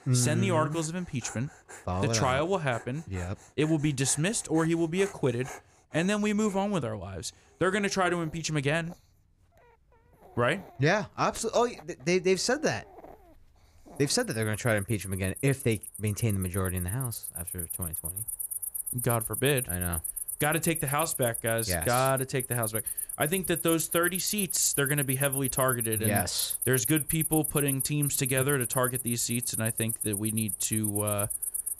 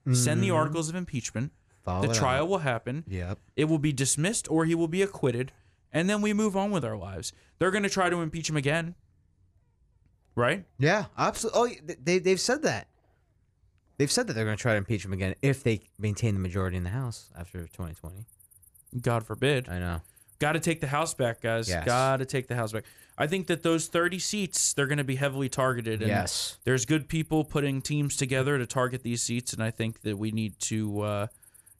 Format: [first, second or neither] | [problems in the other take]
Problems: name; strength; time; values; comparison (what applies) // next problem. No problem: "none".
second | animal sounds; loud; throughout; 3 dB below the speech; faint in the second